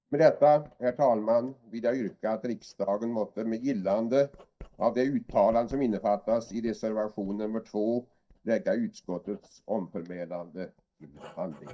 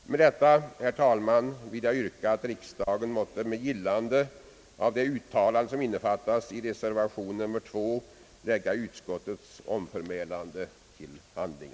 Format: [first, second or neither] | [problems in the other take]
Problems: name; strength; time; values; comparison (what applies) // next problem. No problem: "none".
second | noise reduction (neural mask model DeepFilterNet 3)